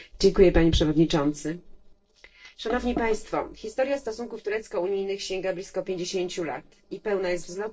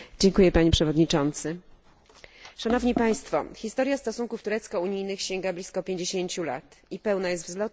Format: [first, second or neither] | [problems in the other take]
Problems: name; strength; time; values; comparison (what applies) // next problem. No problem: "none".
second | noise reduction (neural separator model SepFormer DNS4)